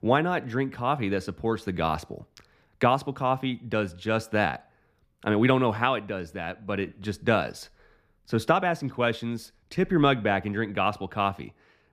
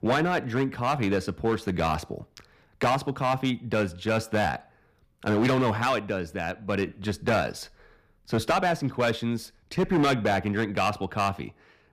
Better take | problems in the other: first | distortion; heavy; 6% of the sound clipped

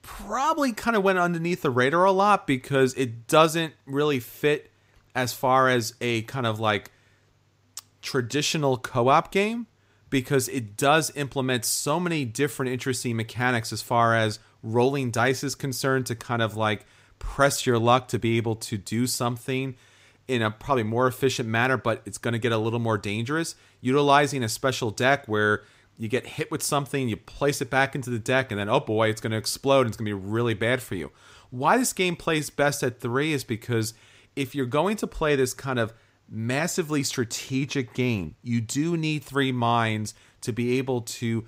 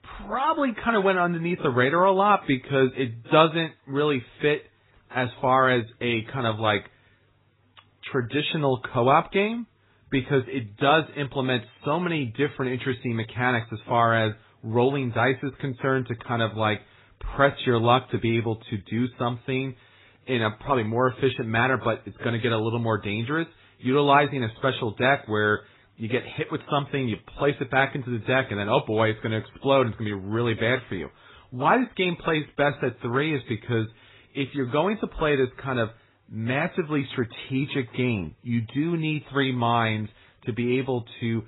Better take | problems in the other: first | garbled, watery; badly; nothing above 4 kHz

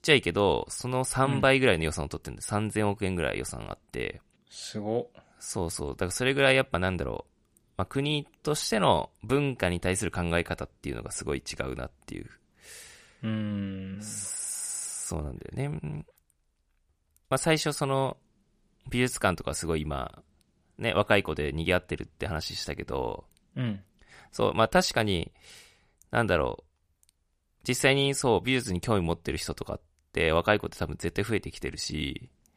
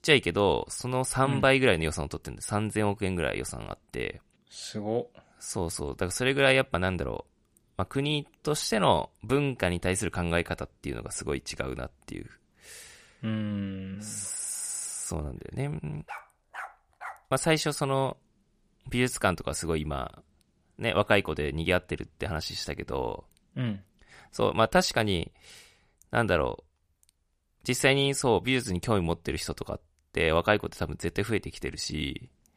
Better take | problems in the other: first | dog barking; faint; from 16 to 17 s; peak 15 dB below the speech

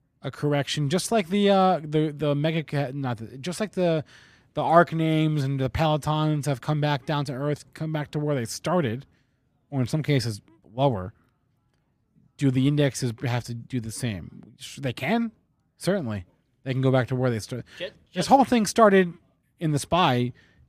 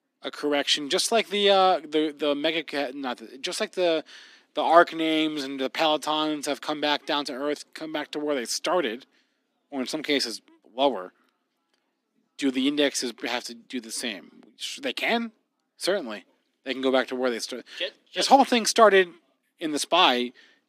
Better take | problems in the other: first | thin; somewhat; fading below 250 Hz

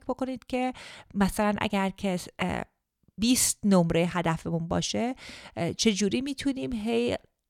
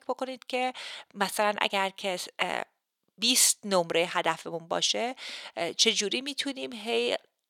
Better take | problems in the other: first | thin; somewhat; fading below 450 Hz

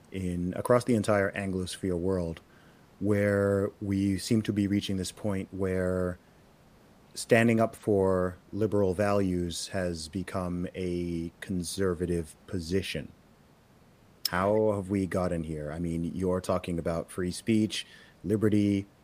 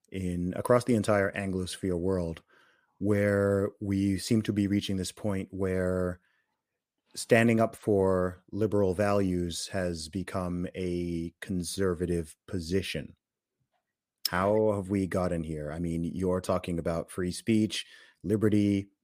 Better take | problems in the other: second | hiss; faint; throughout; 30 dB below the speech

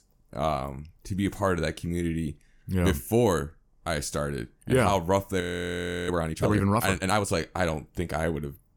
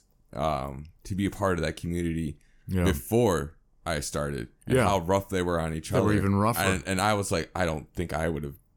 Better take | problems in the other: second | audio freezing; at 5.5 s for 0.5 s

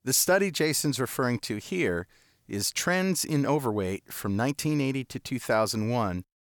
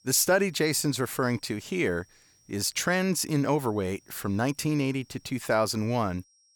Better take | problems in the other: first | high-pitched whine; faint; throughout; 5.5 kHz, 35 dB below the speech

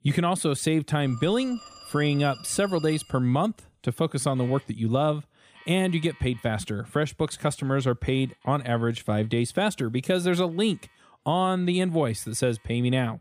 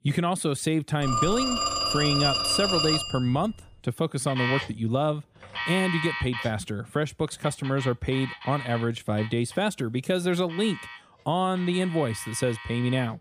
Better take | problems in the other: first | alarms or sirens; loud; throughout; 2 dB below the speech; faint in the first

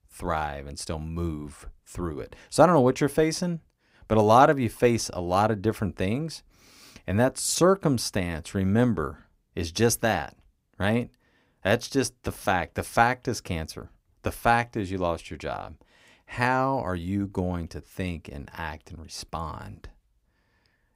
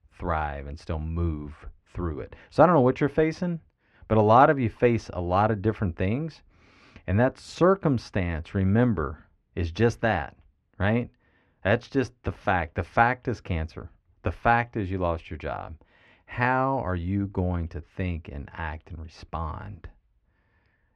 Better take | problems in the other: first | muffled; slightly; fading above 2.5 kHz

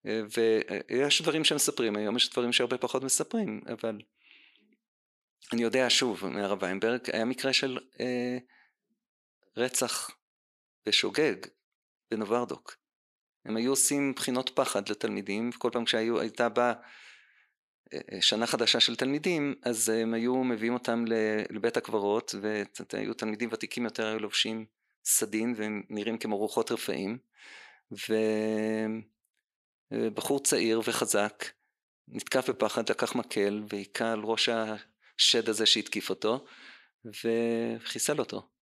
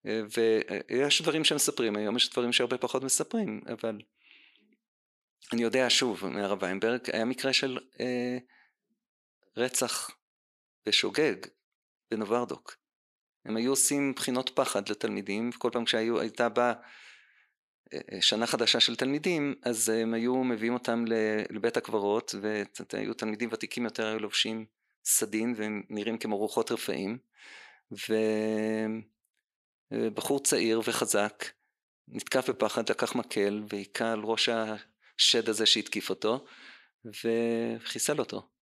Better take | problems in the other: neither | thin; somewhat; fading below 400 Hz; the same in both

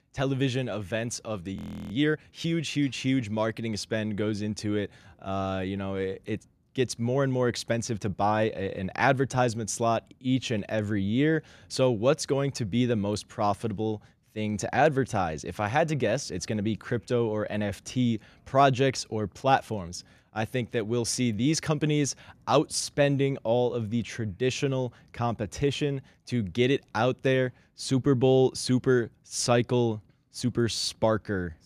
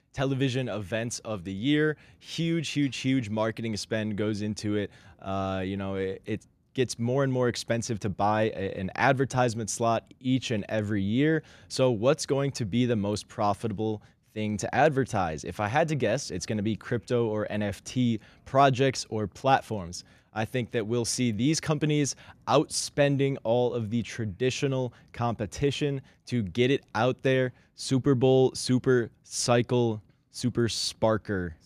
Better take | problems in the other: second | audio freezing; at 1.5 s

